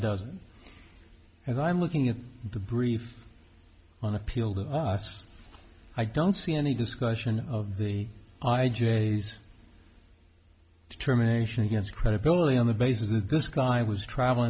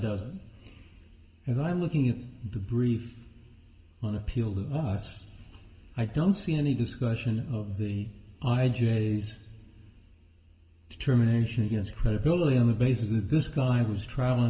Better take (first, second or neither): first